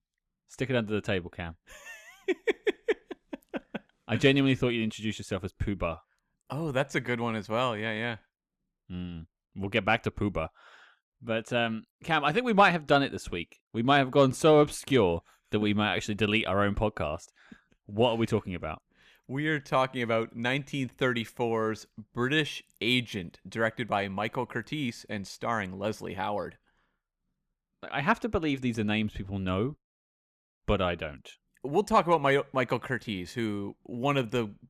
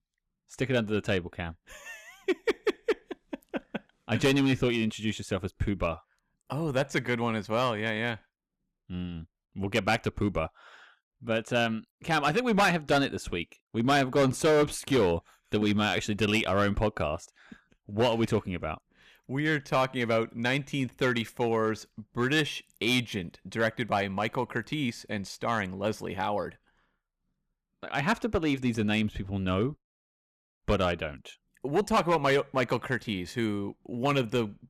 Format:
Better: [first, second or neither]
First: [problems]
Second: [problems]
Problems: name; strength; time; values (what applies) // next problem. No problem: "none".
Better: first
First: none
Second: distortion; slight; 3% of the sound clipped